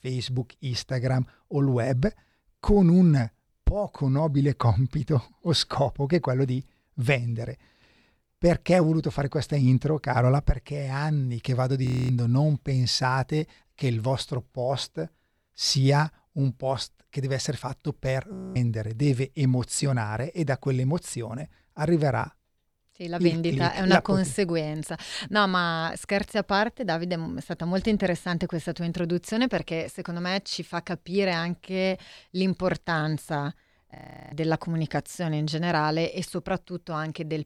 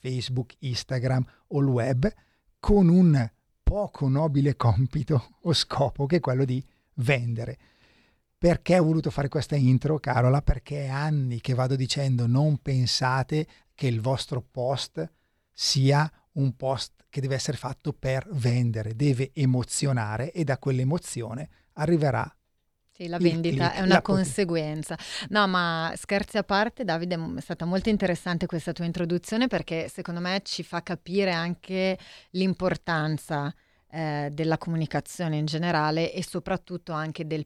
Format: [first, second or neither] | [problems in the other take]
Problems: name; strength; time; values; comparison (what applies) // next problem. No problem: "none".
second | audio freezing; at 12 s, at 18 s and at 34 s